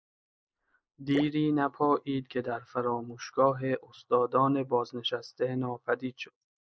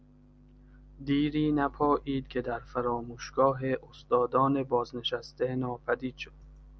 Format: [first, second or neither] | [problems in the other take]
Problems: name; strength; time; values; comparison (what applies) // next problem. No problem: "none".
second | noise reduction (neural mask model Resemble Enhance denoiser)